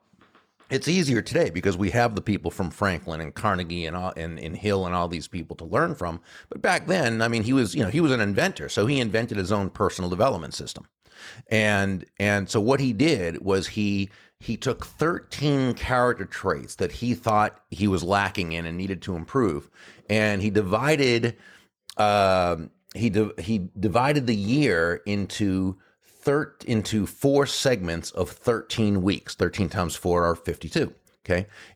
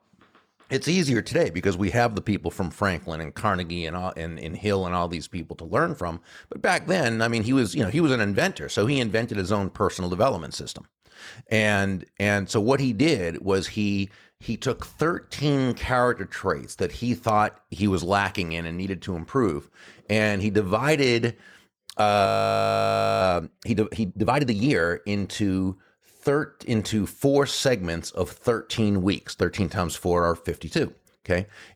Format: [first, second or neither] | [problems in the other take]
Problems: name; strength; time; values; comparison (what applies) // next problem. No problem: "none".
first | audio freezing; at 22 s for 1 s